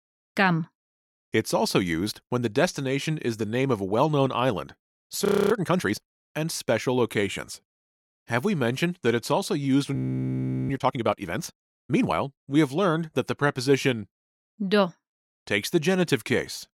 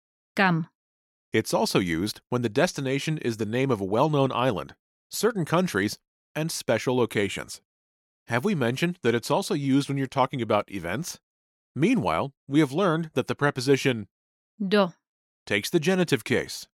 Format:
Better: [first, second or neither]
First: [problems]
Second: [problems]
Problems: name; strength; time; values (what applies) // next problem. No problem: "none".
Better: second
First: audio freezing; at 5.5 s and at 10 s for 0.5 s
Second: none